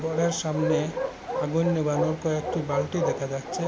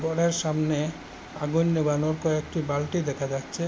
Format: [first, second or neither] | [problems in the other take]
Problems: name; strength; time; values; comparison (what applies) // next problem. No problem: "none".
second | background sound (Bark); 4 dB below the speech